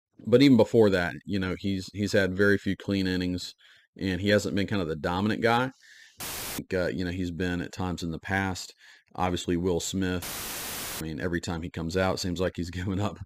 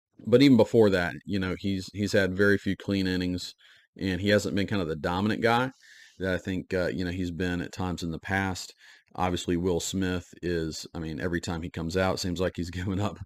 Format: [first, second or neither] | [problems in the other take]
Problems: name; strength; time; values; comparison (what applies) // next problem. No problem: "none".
second | audio cutting out; filled with static; at 6 s and at 10 s for 1 s